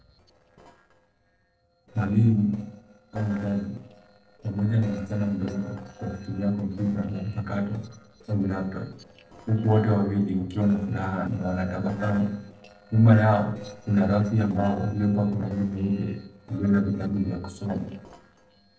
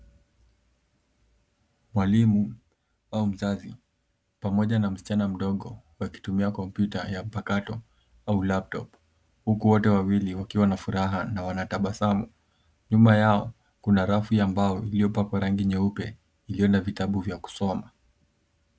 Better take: second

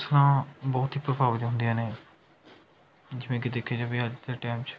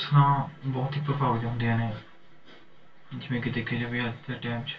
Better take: first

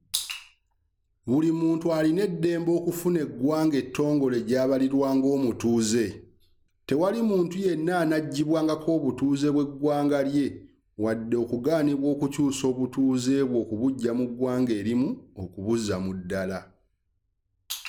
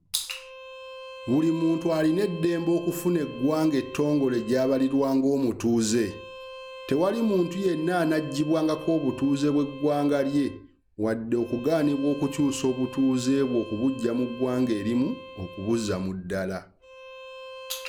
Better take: first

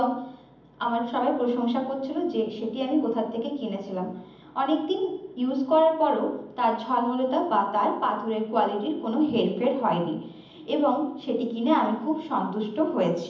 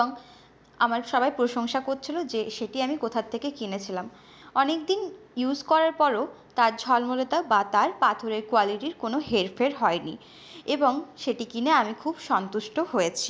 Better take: second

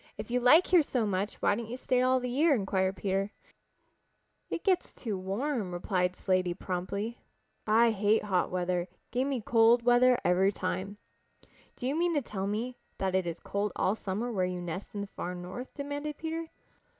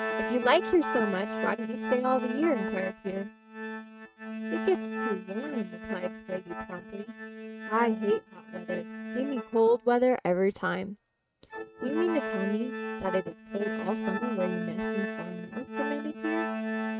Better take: first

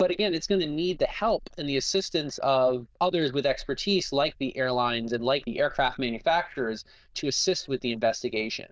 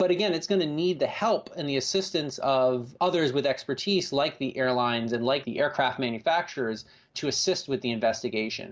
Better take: second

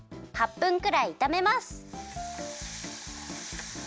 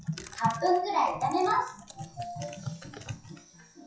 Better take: first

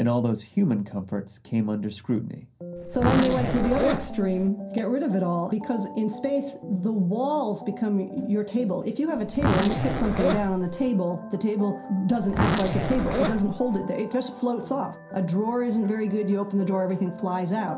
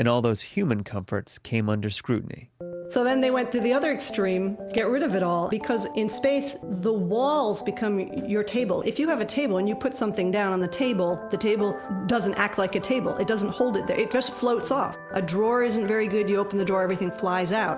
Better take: second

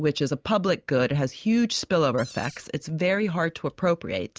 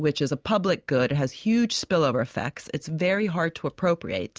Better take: second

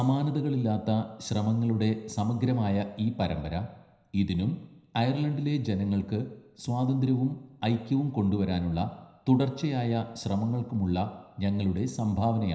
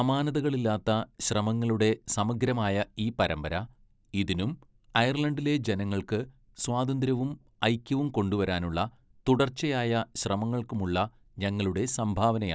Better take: second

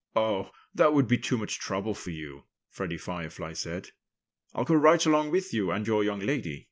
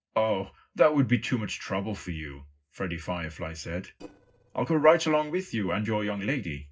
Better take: first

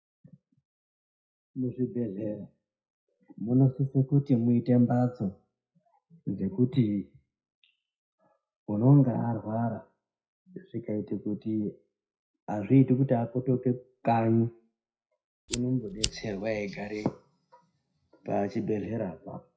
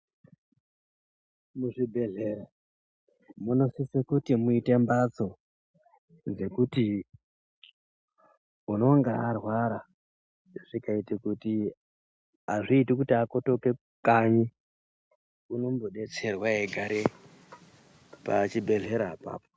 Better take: second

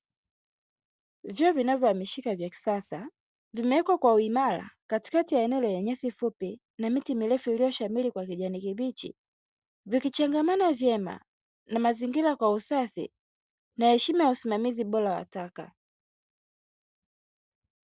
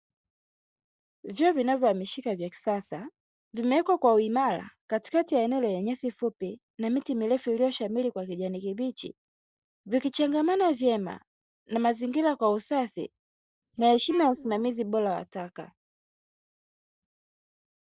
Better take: first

